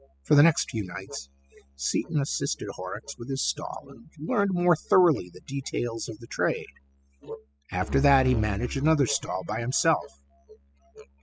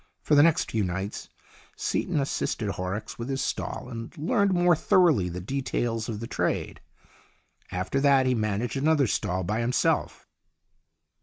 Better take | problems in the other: second | noise reduction (classical method spectral subtraction)

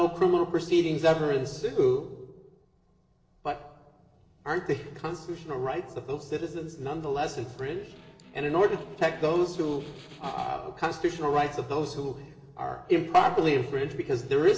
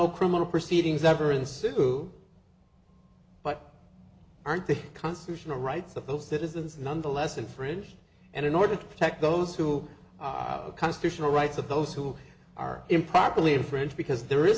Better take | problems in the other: second | noise reduction (neural separator model SepFormer DNS4)

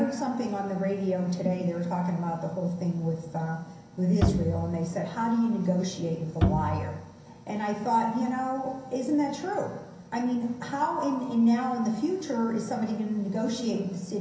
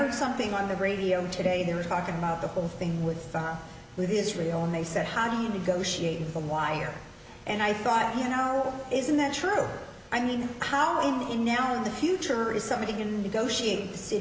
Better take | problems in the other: second | background sound (Bowed string instrument); 2 dB below the speech // room echo; dies away in 0.6 s

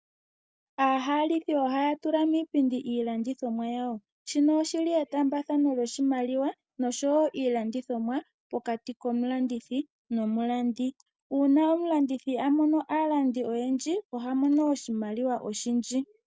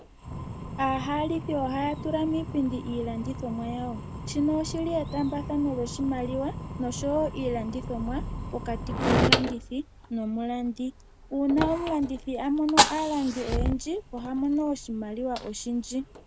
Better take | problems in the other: first | background sound (Fire); 3 dB below the speech

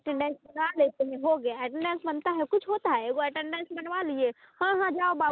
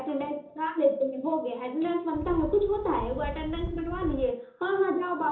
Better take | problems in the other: first | background sound (Wind); 8 dB below the speech // room echo; dies away in 0.6 s

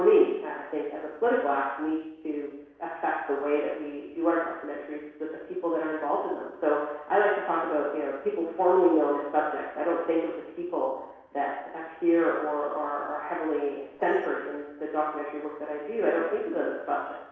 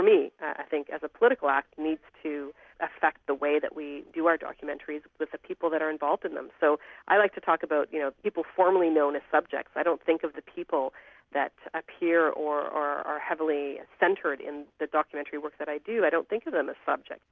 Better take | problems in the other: second | noise reduction (neural separator model SepFormer DNS4)

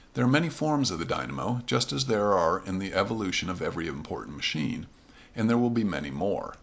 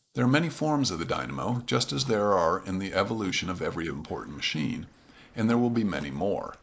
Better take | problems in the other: first | noise reduction (neural mask model Resemble Enhance denoiser)

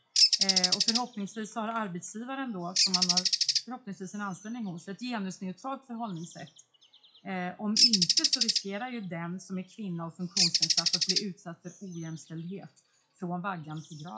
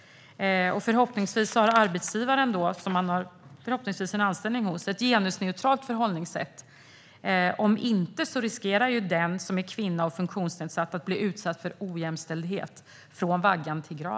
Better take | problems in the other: second | noise reduction (classical method WPE with log-MMSE)

